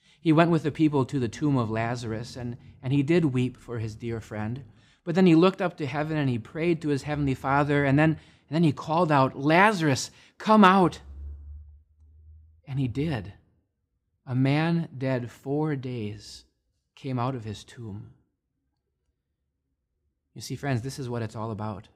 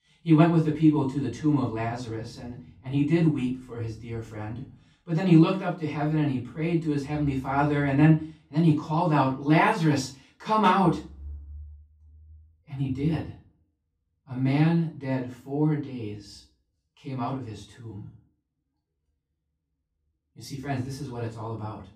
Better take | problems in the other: first | off-mic speech; far // room echo; slight; dies away in 0.3 s

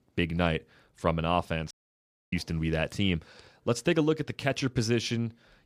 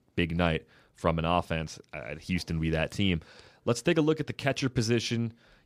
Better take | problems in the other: second | audio cutting out; at 1.5 s for 0.5 s

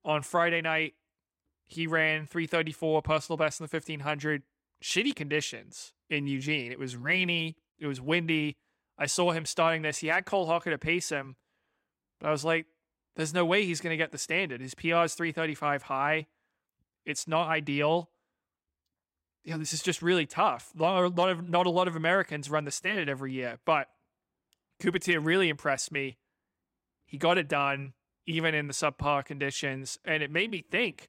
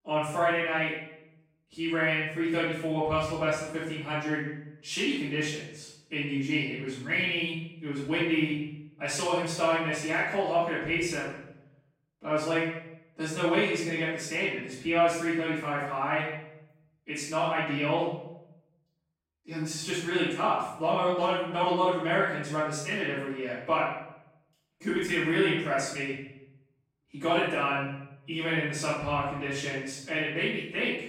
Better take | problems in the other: first | off-mic speech; far // room echo; strong; dies away in 0.7 s

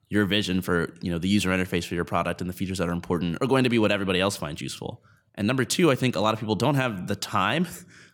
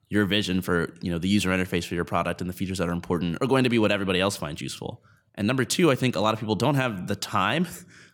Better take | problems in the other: neither | none

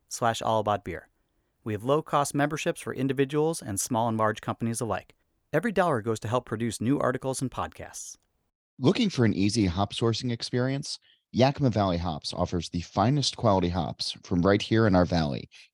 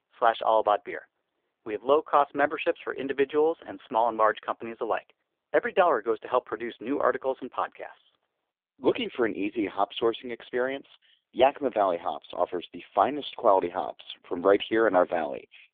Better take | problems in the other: first | phone-call audio; poor line

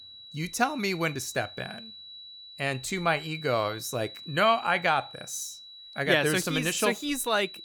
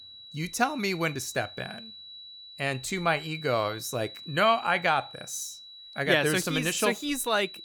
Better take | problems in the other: neither | high-pitched whine; noticeable; throughout; 4 kHz, 15 dB below the speech; the same in both

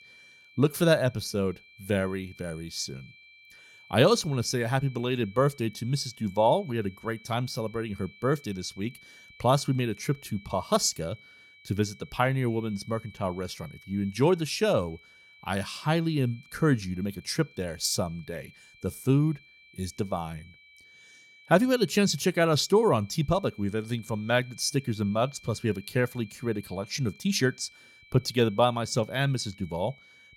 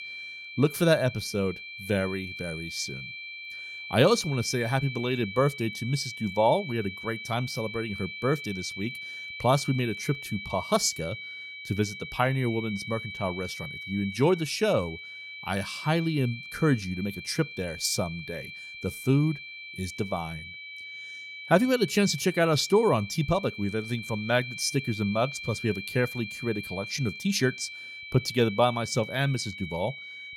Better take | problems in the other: first | high-pitched whine; loud; throughout; 2.5 kHz, 10 dB below the speech; faint in the first

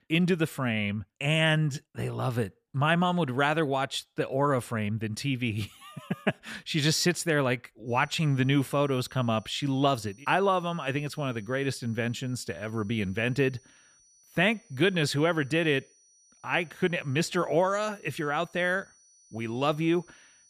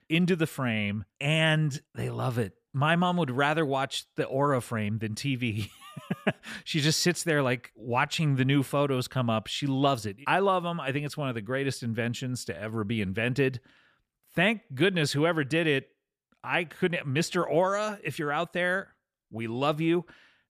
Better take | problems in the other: second | high-pitched whine; faint; from 8 s on; 6 kHz, 30 dB below the speech

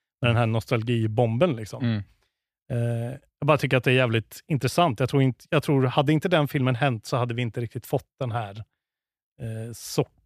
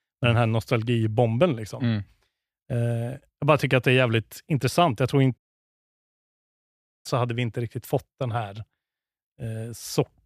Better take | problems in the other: first | audio cutting out; at 5.5 s for 1.5 s

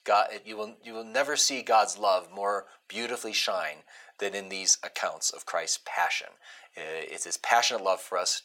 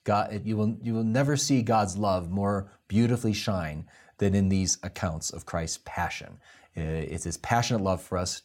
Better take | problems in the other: second | thin; very; fading below 550 Hz

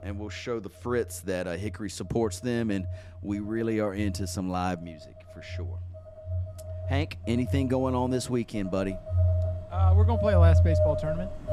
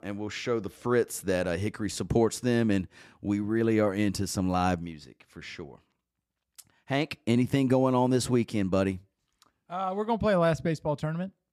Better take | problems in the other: second | alarms or sirens; very loud; throughout; 3 dB above the speech

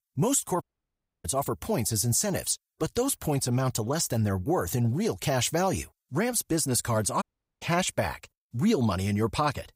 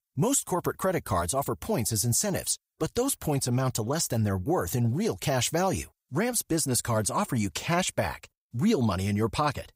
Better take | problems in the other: second | audio cutting out; at 0.5 s for 0.5 s and at 7 s

